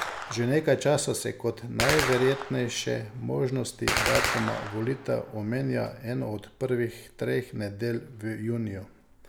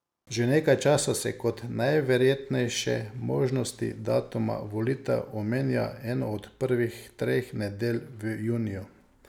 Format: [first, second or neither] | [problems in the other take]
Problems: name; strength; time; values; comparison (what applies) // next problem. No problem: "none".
second | background sound (Gunshot, gunfire); 6 dB below the speech